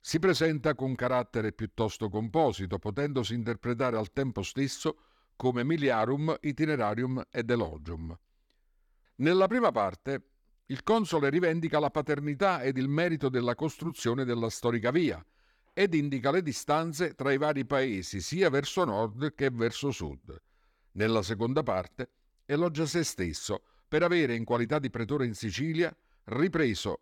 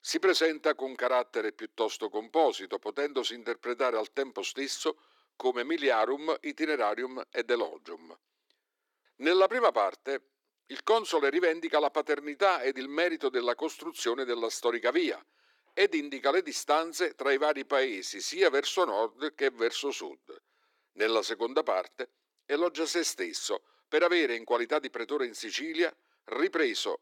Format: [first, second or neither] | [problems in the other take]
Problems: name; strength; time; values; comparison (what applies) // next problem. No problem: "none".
first | thin; somewhat; fading below 350 Hz